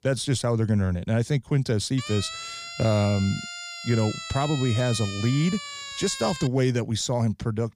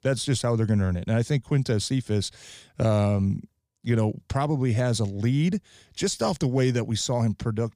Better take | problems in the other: second | siren; noticeable; from 2 to 6.5 s; peak 8 dB below the speech

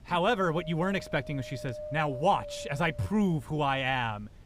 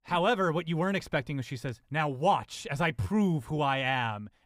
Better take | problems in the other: second | wind noise on the microphone; occasional gusts; 15 dB below the speech

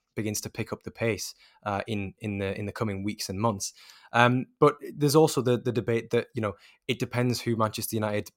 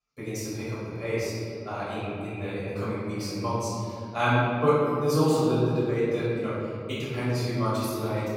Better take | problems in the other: first | room echo; strong; dies away in 2.2 s // off-mic speech; far

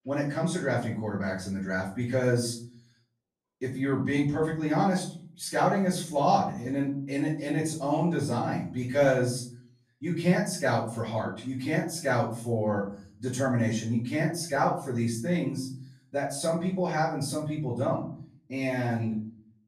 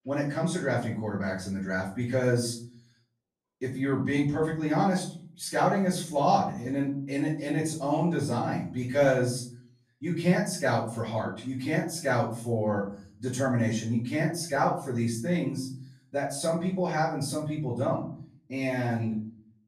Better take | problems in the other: neither | off-mic speech; far; the same in both // room echo; noticeable; dies away in 0.5 s; the same in both

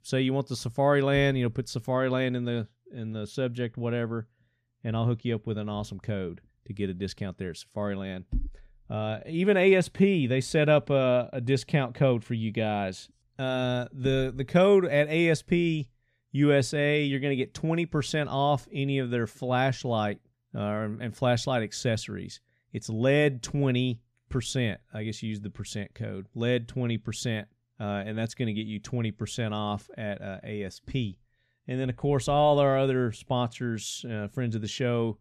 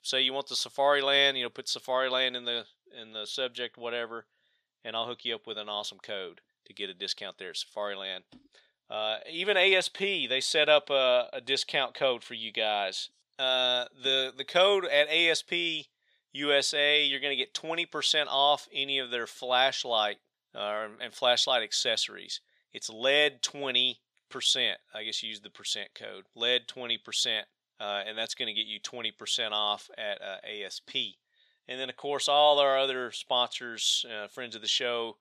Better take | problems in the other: first | thin; very; fading below 700 Hz

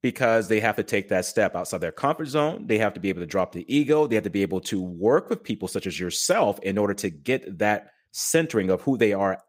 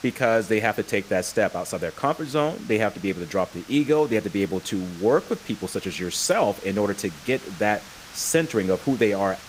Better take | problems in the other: first | hiss; noticeable; throughout; 20 dB below the speech

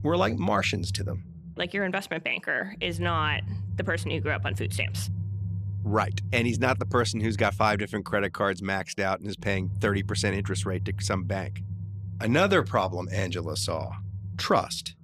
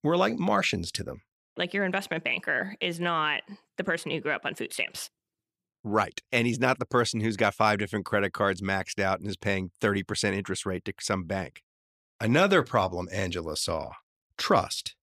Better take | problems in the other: second | low rumble; faint; throughout; 20 dB below the speech

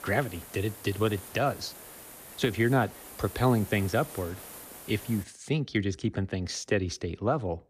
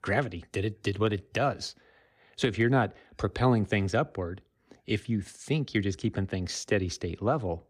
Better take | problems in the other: second | hiss; noticeable; until 5 s; 15 dB below the speech

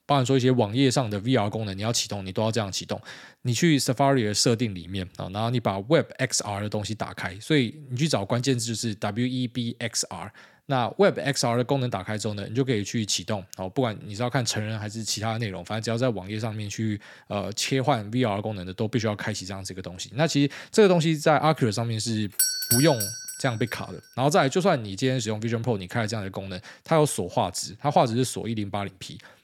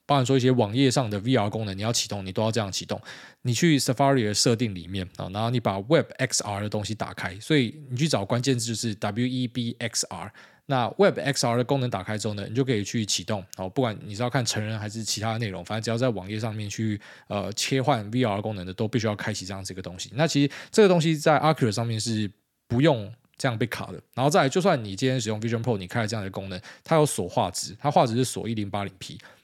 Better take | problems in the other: second | doorbell; loud; at 22 s; peak 5 dB above the speech

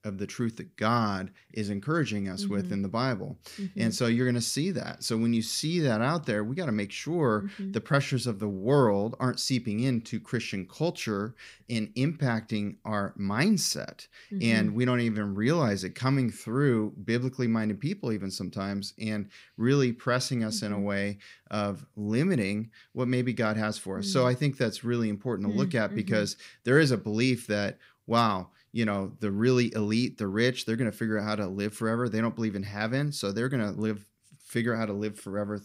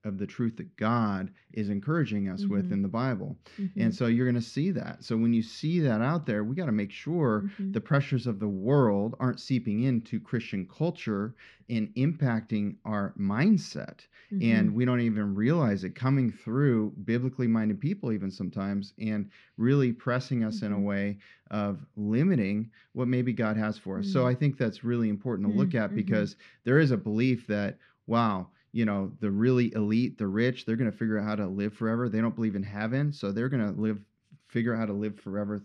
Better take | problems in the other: first | muffled; slightly; fading above 3 kHz

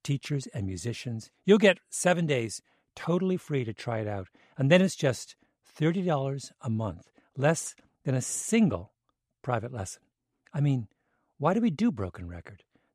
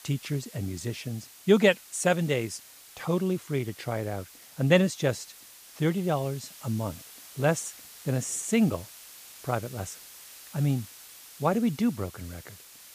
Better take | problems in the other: first | hiss; noticeable; throughout; 20 dB below the speech

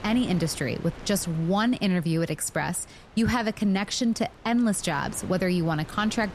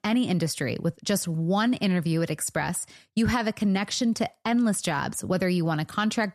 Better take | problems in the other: second | wind noise on the microphone; occasional gusts; 20 dB below the speech

